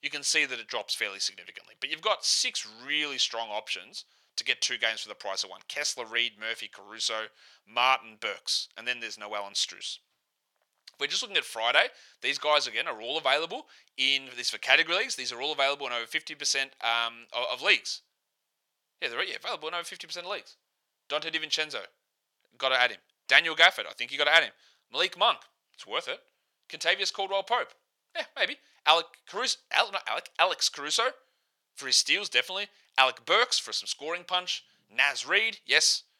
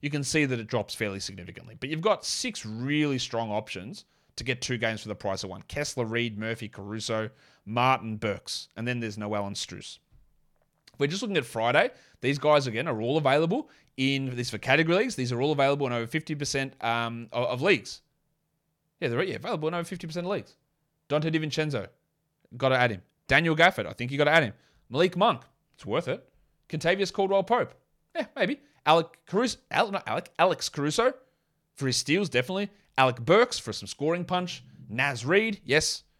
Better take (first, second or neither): second